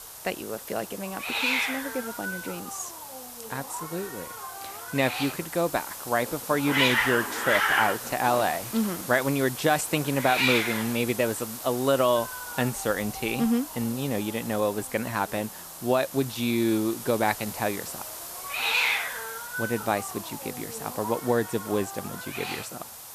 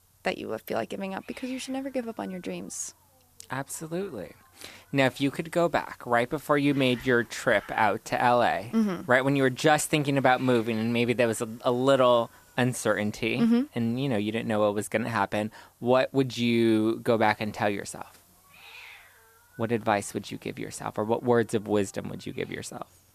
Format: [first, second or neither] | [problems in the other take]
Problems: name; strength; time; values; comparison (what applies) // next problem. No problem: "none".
second | hiss; loud; throughout; 3 dB below the speech; faint in the second